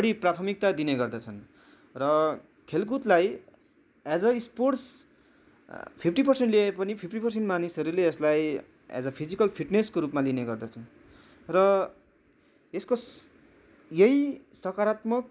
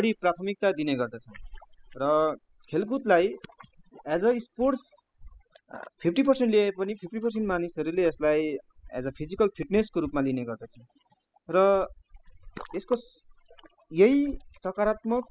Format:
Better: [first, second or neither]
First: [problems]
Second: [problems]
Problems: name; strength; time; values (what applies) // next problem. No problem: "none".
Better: first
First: none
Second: noise reduction (classical method spectral subtraction)